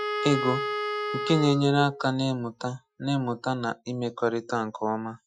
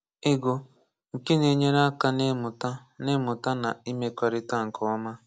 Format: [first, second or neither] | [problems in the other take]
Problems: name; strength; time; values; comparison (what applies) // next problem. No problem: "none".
second | noise reduction (classical method Wiener filter)